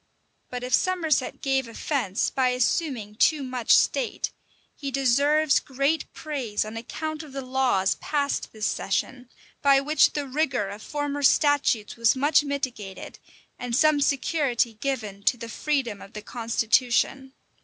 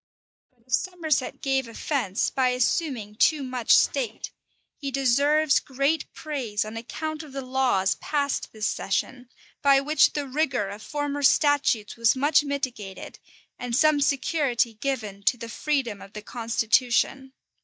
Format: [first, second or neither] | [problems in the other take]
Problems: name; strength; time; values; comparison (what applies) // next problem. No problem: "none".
first | noise reduction (neural mask model DeepFilterNet 3)